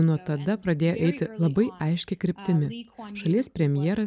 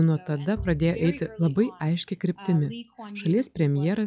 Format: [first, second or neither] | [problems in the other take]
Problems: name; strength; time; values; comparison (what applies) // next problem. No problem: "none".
first | noise reduction (classical method log-MMSE)